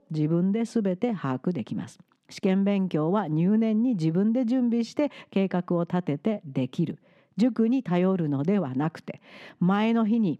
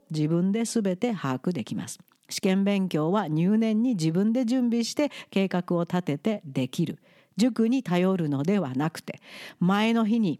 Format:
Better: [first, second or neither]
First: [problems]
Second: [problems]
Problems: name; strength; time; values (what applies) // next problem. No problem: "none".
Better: second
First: muffled; slightly; fading above 1.5 kHz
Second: none